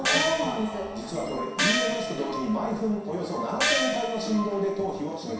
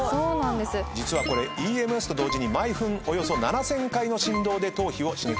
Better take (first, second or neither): second